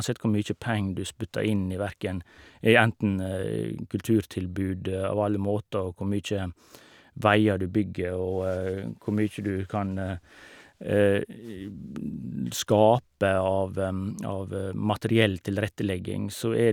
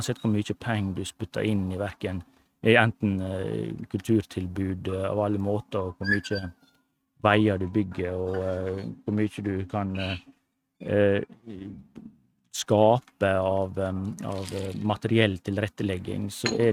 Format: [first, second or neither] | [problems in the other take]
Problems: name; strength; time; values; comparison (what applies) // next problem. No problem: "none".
first | noise reduction (neural mask model RNNoise)